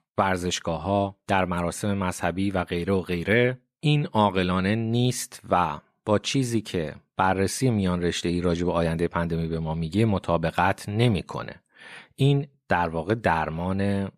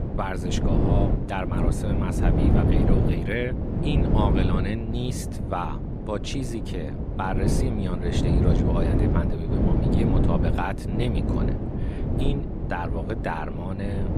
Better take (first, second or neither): first